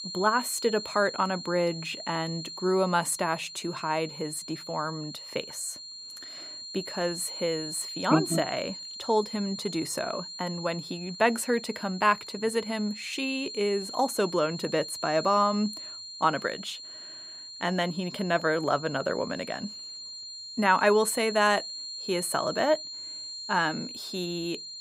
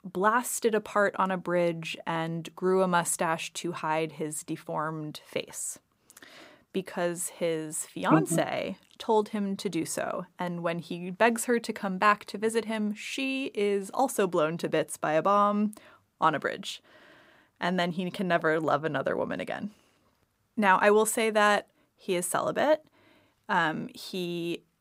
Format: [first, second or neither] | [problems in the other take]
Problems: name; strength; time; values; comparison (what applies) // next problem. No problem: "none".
second | high-pitched whine; loud; throughout; 4 kHz, 9 dB below the speech